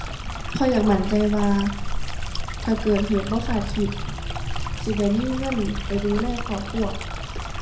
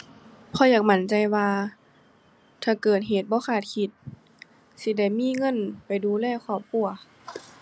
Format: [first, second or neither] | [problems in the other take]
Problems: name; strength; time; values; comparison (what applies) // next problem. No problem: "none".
second | background sound (Stream); 3 dB below the speech // room echo; dies away in 0.5 s